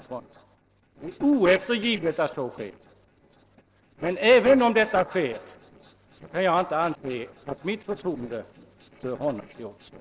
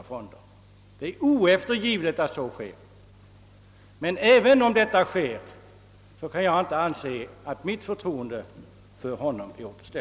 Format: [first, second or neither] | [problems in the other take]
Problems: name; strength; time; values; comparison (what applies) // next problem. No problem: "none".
second | noise reduction (neural separator model SepFormer DNS4)